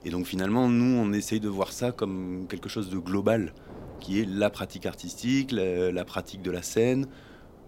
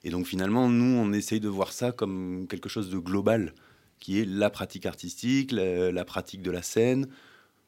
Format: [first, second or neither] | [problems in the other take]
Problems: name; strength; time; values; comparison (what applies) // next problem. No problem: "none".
second | wind noise on the microphone; occasional gusts; 20 dB below the speech